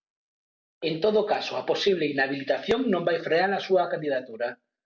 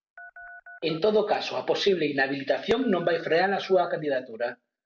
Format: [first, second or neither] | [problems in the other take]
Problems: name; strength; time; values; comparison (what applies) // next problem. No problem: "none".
first | background sound (Telephone); 19 dB below the speech